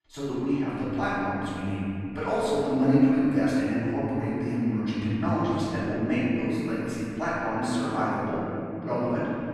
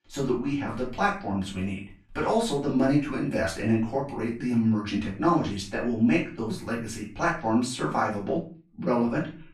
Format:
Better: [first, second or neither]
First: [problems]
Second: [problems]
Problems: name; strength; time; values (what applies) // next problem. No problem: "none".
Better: second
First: room echo; strong; dies away in 3 s // off-mic speech; far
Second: room echo; slight; dies away in 0.3 s // off-mic speech; far